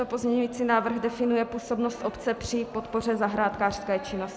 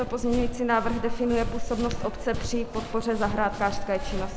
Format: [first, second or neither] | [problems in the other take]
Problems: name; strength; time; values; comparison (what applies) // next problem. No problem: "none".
first | background sound (Run); 4 dB below the speech